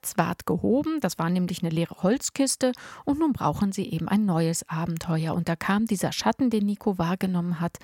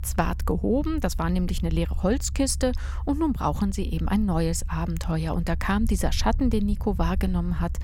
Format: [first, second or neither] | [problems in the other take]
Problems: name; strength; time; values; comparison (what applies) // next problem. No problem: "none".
first | low rumble; faint; throughout; 20 dB below the speech